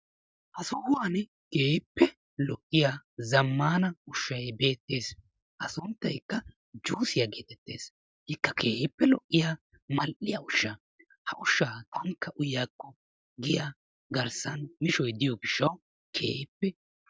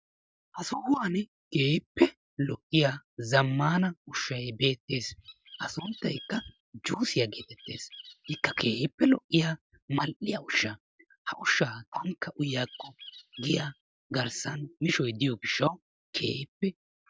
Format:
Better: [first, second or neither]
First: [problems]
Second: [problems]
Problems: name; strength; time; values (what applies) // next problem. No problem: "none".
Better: first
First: none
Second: background sound (Bird); 19 dB below the speech